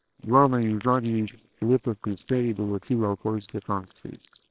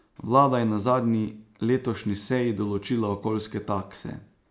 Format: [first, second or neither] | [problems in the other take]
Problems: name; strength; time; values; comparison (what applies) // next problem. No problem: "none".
second | noise reduction (neural separator model SepFormer WHAMR!)